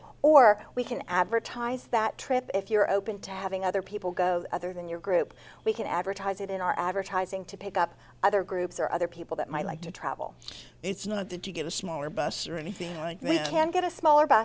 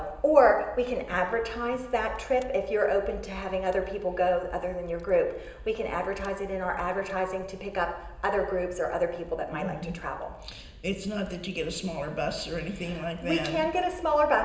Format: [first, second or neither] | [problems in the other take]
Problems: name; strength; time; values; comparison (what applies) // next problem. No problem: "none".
first | background sound (Fire); 17 dB below the speech // room echo; dies away in 0.9 s